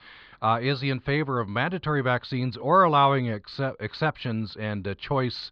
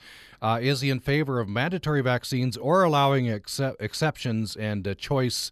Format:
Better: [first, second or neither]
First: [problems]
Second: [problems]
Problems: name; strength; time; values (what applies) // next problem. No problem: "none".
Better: second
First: muffled; slightly; fading above 4 kHz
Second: none